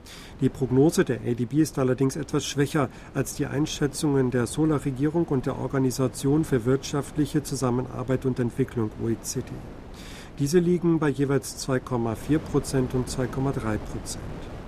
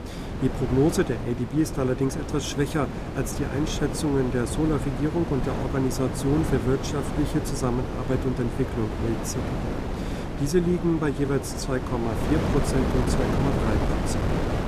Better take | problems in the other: first | wind noise on the microphone; heavy; 3 dB below the speech; occasional gusts in the first

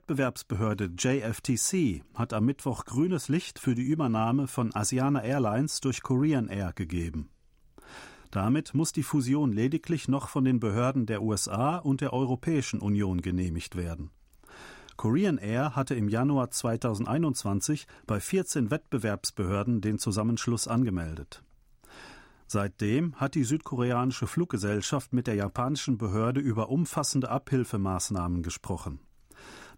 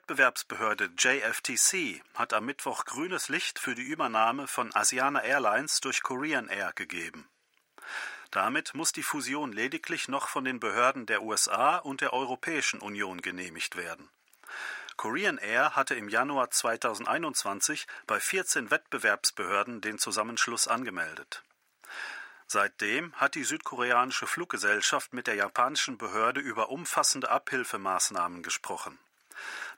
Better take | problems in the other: first | thin; very; fading below 650 Hz

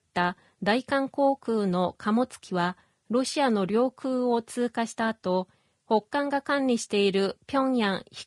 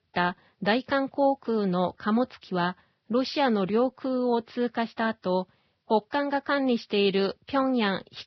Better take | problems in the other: first | garbled, watery; badly; slightly in the first

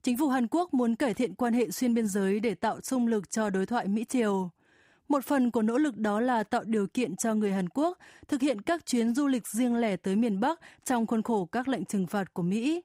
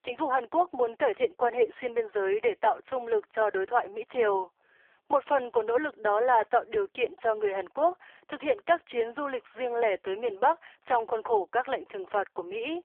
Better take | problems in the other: first | phone-call audio; poor line

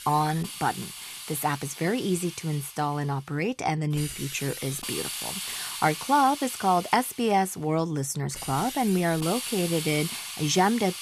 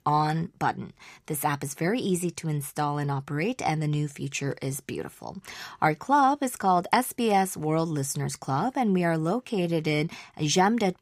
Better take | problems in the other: second | hiss; loud; throughout; 8 dB below the speech

